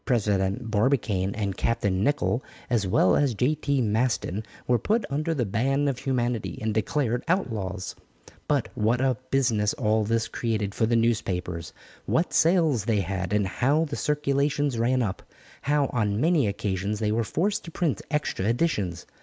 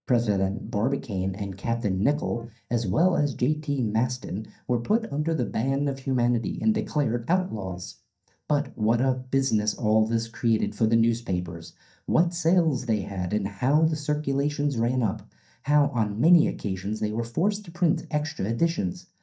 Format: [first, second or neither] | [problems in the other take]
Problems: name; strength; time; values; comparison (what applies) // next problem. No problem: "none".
first | noise reduction (neural mask model DeepFilterNet 3)